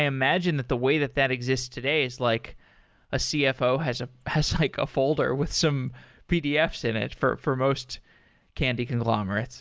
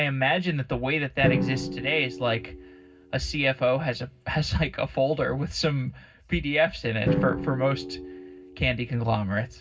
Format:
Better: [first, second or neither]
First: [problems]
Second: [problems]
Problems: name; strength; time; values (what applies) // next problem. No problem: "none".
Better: first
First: none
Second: background sound (Drum); 8 dB below the speech // room echo; dies away in 0.4 s